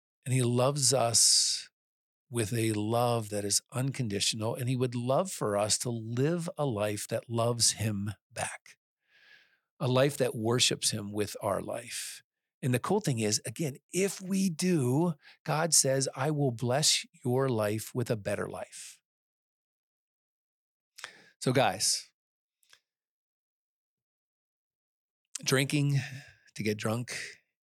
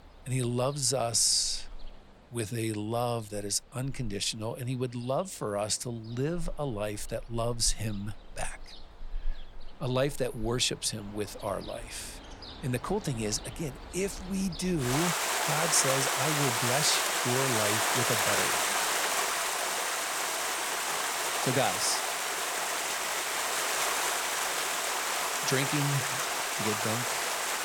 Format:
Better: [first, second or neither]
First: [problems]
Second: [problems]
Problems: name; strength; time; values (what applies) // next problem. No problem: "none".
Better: first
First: none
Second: rain or running water; very loud; throughout; 3 dB above the speech